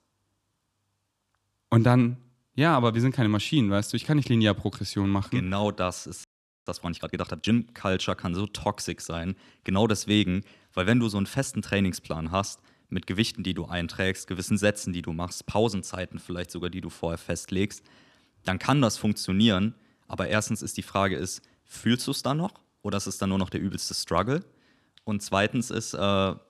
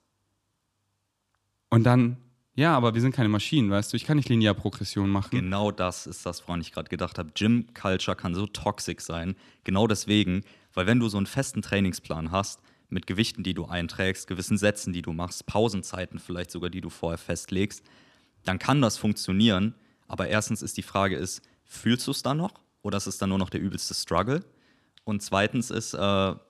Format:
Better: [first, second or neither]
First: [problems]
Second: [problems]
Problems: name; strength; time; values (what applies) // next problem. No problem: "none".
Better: second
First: audio freezing; at 6 s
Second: none